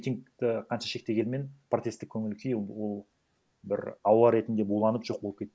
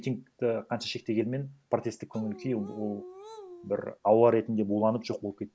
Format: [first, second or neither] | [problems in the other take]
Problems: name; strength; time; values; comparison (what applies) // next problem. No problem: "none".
first | background sound (Dog); 16 dB below the speech